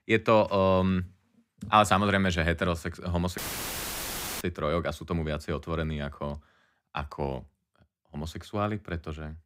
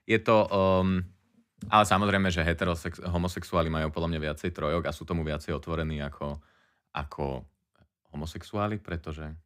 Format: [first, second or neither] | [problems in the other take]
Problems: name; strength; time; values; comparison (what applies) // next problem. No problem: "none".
second | audio cutting out; filled with static; at 3.5 s for 1 s